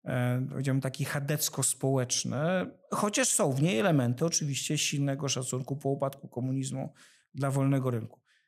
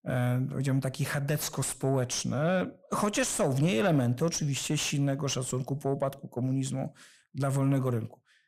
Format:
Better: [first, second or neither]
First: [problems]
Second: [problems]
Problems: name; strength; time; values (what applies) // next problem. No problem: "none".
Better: first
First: none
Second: distortion; slight; 10 dB below the speech